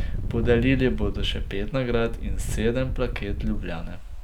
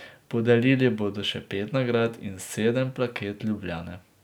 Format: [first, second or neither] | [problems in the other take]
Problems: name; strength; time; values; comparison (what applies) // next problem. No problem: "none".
second | background sound (Engine); 1 dB below the speech